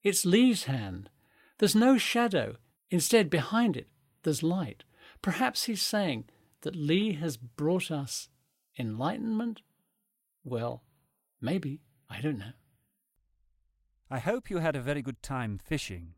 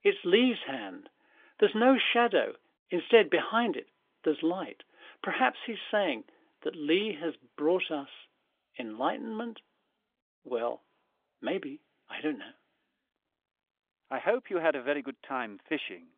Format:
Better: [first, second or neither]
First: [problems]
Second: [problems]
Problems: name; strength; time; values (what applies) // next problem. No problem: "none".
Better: first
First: none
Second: phone-call audio; nothing above 3.5 kHz